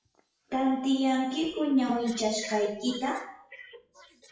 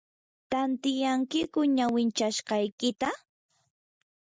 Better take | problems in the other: second | noise reduction (classical method WPE with log-MMSE)

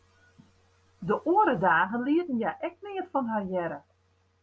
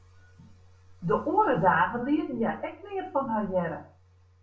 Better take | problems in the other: first | room echo; dies away in 0.3 s

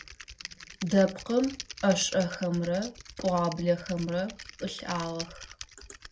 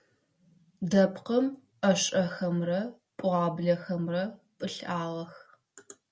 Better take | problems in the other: second | background sound (Typing); 15 dB below the speech

